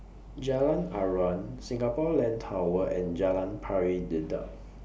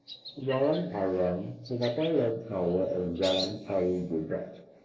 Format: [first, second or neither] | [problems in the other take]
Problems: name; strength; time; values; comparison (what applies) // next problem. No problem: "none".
first | noise reduction (neural mask model Resemble Enhance denoiser)